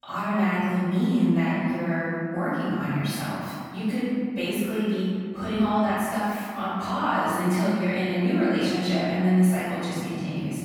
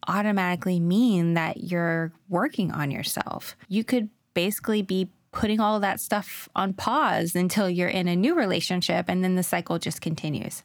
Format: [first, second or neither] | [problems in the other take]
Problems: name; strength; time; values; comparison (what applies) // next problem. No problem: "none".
second | room echo; strong; dies away in 2.1 s // off-mic speech; far